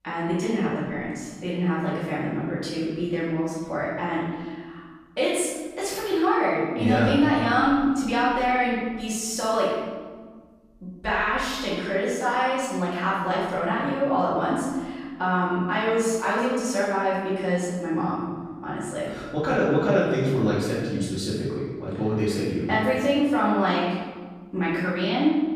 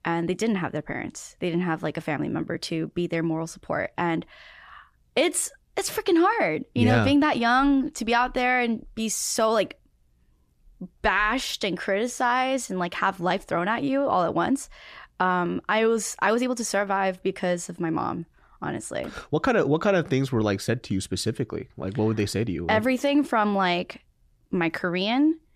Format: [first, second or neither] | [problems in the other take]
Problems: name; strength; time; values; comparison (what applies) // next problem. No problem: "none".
second | off-mic speech; far // room echo; strong; dies away in 1.2 s